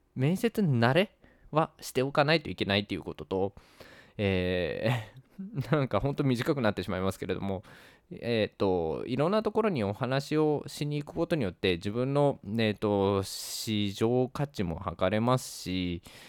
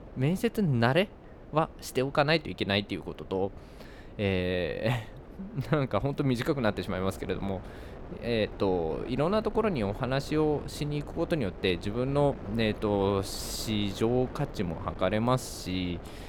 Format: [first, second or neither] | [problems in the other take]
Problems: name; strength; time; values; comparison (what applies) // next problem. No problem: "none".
first | wind noise on the microphone; occasional gusts; 15 dB below the speech